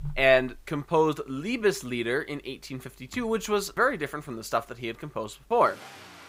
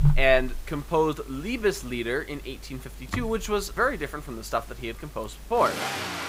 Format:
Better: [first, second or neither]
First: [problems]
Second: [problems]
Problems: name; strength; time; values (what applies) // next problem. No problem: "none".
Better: first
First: traffic noise; faint; throughout; 25 dB below the speech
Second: traffic noise; loud; throughout; 9 dB below the speech